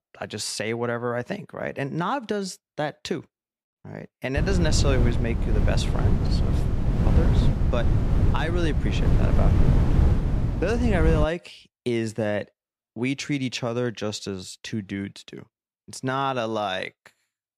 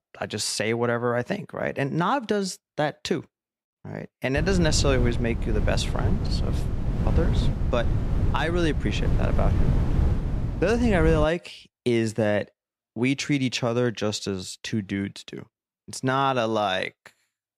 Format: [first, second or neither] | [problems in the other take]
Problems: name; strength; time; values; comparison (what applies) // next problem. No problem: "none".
second | wind noise on the microphone; heavy; from 4.5 to 11 s; 5 dB below the speech; occasional gusts in the second